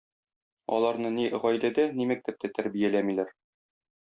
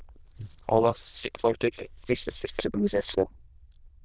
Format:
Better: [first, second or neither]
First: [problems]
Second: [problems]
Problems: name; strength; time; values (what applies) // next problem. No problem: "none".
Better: first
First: none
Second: noise reduction (neural diffusion model UNIVERSE++)